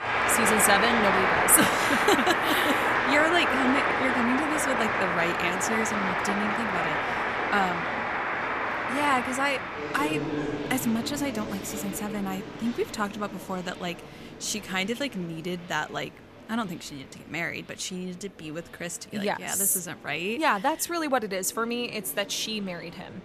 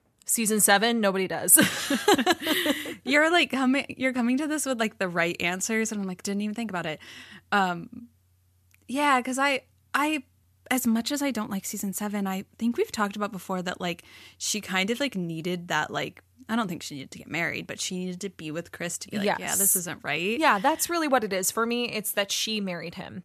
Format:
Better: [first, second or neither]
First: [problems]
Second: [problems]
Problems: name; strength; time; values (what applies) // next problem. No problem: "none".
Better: second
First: crowd noise; very loud; throughout; 2 dB above the speech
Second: none